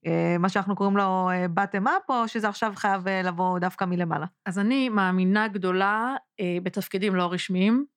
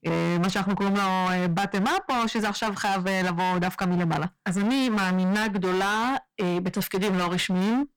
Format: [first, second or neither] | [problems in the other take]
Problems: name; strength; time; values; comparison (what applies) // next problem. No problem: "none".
first | distortion; heavy; 40% of the sound clipped